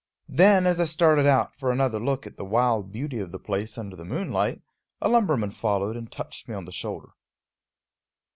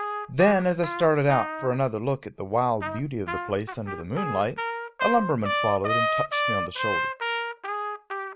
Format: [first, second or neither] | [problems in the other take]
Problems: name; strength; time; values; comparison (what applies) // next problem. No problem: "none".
first | background sound (Trumpet); 4 dB below the speech